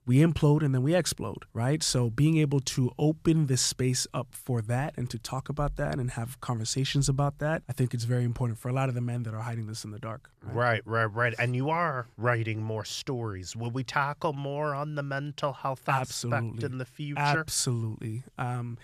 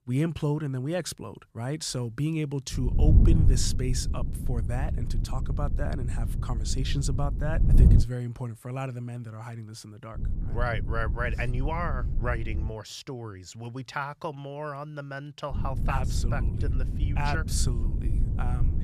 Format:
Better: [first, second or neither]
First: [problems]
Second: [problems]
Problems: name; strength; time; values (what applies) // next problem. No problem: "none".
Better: first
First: none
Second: wind noise on the microphone; heavy; from 2.5 to 8 s, from 10 to 13 s and from 16 s on; 8 dB below the speech